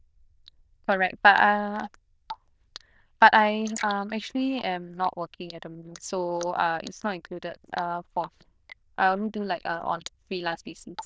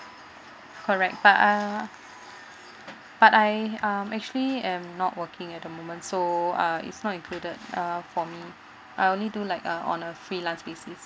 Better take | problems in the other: second | noise reduction (neural diffusion model UNIVERSE++)

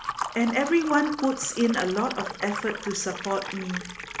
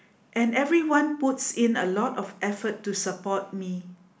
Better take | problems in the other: second | background sound (Liquid + Computer keyboard); 9 dB below the speech

